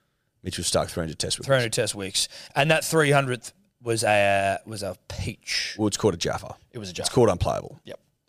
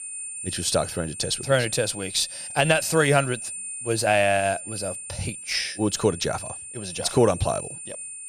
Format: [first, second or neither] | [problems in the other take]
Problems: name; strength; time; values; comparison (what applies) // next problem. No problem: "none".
first | high-pitched whine; loud; throughout; 9 kHz, 9 dB below the speech